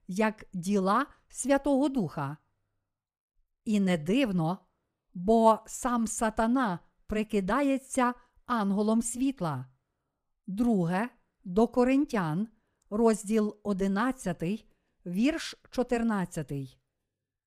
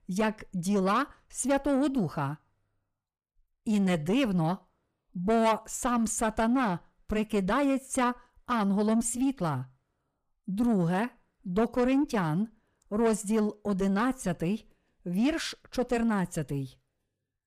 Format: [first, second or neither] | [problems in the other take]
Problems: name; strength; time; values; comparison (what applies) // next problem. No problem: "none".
first | distortion; slight; 10 dB below the speech